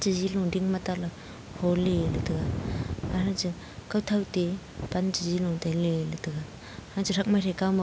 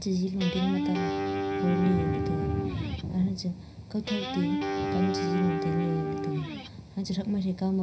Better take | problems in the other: first | background sound (Guitar); 2 dB below the speech // room echo; dies away in 0.4 s

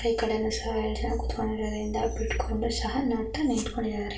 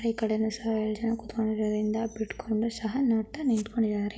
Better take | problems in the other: second | room echo; dies away in 0.3 s

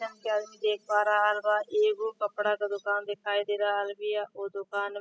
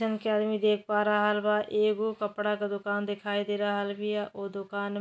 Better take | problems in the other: second | noise reduction (classical method spectral subtraction)

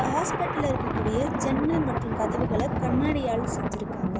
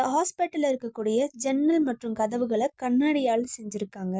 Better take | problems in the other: second | background sound (Thunder); 1 dB above the speech

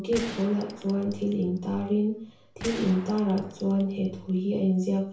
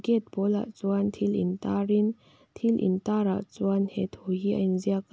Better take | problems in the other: second | background sound (Gunshot, gunfire); 15 dB below the speech // room echo; dies away in 0.4 s

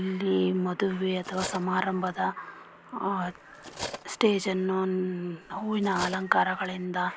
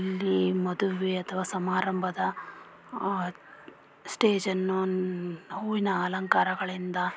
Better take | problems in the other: second | background sound (Cutlery, silverware); 14 dB below the speech

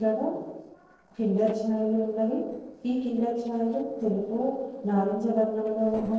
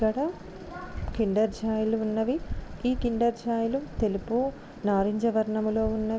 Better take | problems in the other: second | noise reduction (neural separator model SepFormer DNS4)

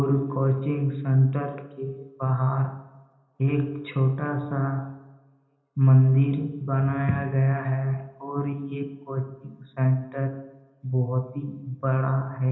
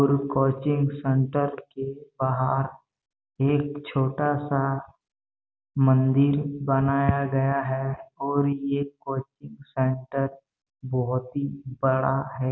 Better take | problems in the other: second | room echo; dies away in 1 s

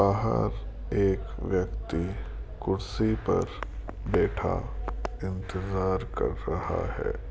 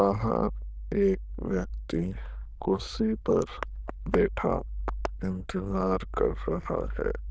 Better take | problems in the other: first | noise reduction (neural diffusion model UNIVERSE++)

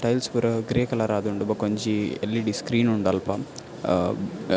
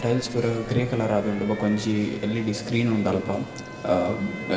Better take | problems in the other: first | background sound (Alarm); 18 dB below the speech // room echo; dies away in 2 s

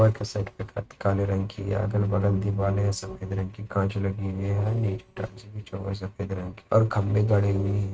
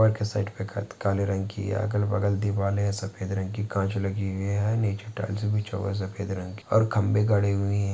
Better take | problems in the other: second | noise reduction (neural mask model RNNoise)

